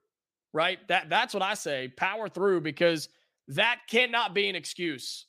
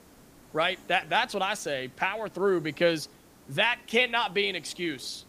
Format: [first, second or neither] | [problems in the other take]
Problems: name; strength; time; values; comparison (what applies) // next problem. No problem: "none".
first | hiss; faint; throughout; 25 dB below the speech